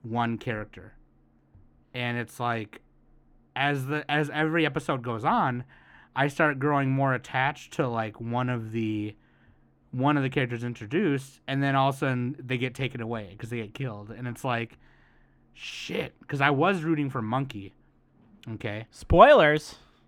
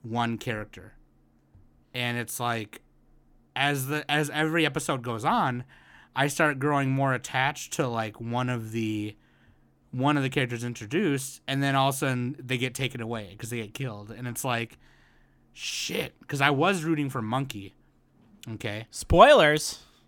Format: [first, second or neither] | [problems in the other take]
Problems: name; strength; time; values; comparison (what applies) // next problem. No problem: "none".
second | muffled; slightly; fading above 4 kHz